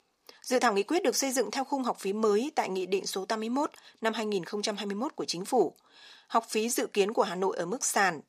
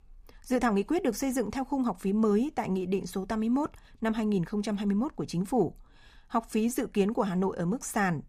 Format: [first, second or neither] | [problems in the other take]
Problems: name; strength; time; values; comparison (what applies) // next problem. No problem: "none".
second | thin; somewhat; fading below 450 Hz